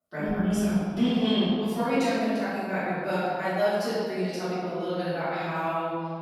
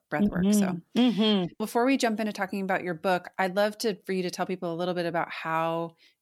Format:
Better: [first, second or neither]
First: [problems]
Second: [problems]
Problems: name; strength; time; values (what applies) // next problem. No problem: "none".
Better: second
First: room echo; strong; dies away in 2 s // off-mic speech; far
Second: none